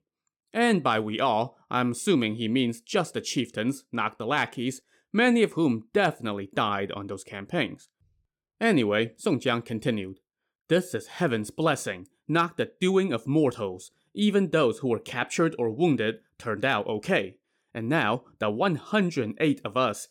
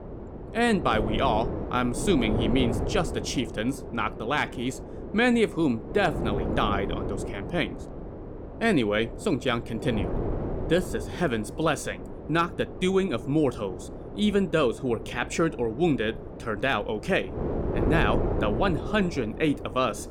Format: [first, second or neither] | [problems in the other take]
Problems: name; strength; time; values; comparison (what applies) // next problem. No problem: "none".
first | wind noise on the microphone; heavy; 9 dB below the speech